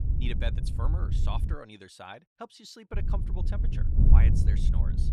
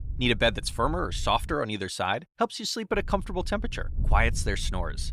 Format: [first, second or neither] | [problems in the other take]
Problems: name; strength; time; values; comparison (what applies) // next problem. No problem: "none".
second | wind noise on the microphone; heavy; until 1.5 s and from 3 s on; 2 dB below the speech; occasional gusts in the second